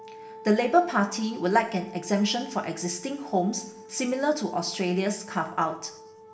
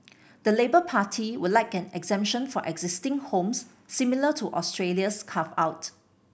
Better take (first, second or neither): second